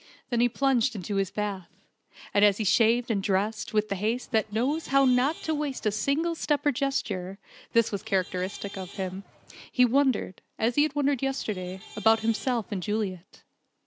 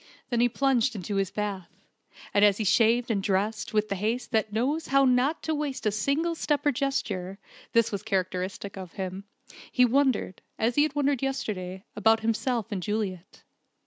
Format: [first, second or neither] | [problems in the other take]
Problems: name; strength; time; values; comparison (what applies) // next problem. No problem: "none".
second | background sound (Traffic noise, roadway noise / Vehicle horn, car horn, honking); 20 dB below the speech